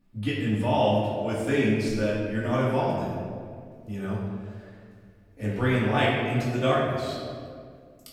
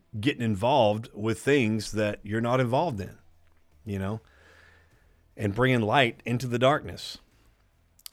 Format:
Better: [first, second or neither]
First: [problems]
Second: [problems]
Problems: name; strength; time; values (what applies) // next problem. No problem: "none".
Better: second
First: off-mic speech; far // room echo; noticeable; dies away in 1.7 s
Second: none